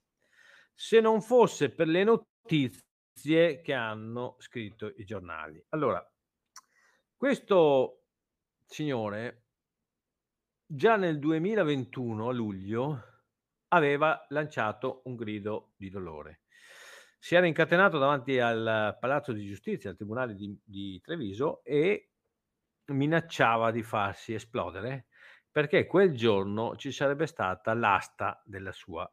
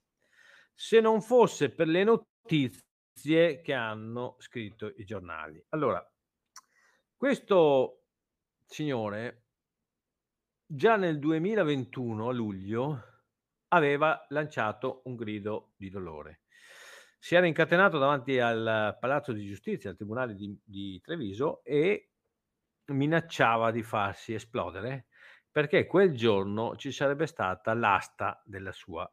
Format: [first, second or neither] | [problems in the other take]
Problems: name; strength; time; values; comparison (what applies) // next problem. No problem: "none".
neither | none